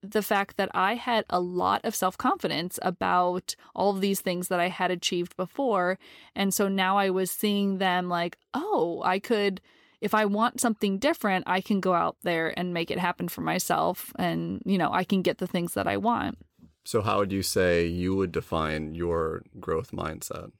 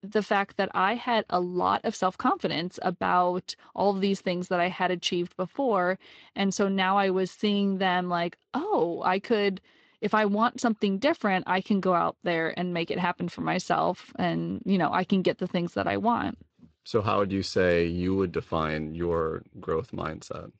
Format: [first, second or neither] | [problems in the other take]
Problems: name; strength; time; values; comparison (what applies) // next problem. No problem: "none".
first | garbled, watery; slightly; nothing above 7.5 kHz